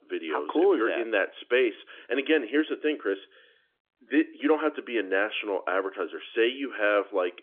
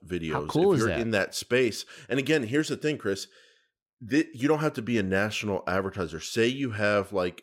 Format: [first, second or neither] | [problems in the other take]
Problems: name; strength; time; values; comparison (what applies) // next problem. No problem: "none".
second | phone-call audio; nothing above 3.5 kHz